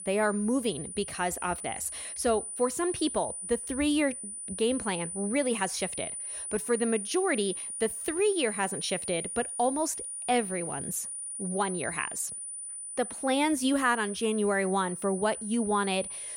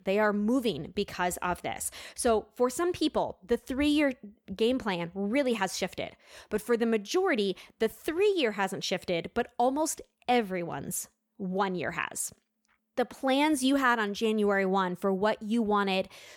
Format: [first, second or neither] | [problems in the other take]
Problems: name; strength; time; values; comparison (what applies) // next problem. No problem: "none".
second | high-pitched whine; loud; throughout; 9.5 kHz, 6 dB below the speech